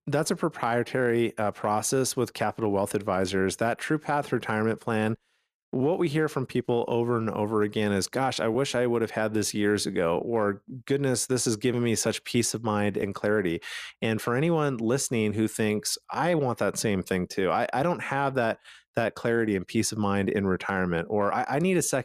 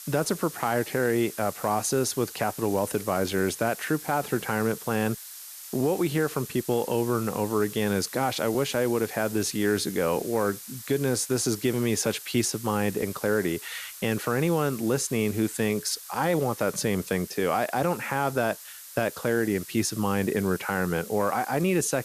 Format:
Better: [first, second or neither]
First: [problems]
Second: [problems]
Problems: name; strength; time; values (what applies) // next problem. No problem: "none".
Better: first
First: none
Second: hiss; noticeable; throughout; 15 dB below the speech